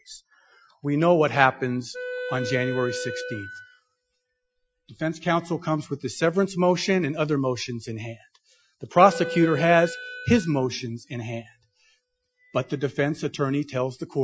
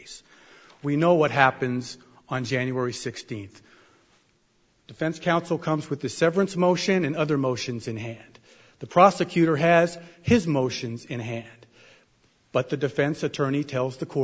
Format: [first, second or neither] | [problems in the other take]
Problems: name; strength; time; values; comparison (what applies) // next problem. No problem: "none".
second | noise reduction (classical method Wiener filter)